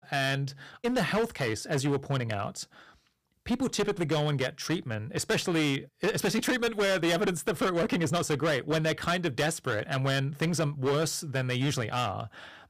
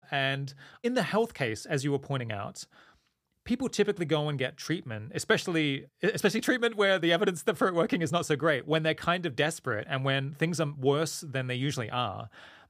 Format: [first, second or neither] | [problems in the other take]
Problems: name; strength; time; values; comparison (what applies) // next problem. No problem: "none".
second | distortion; heavy; 15% of the sound clipped